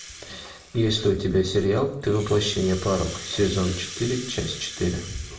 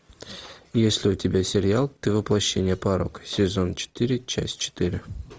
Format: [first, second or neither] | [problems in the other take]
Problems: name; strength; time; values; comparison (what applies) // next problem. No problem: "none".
second | background sound (Rattle (instrument)); 15 dB below the speech // room echo; dies away in 0.6 s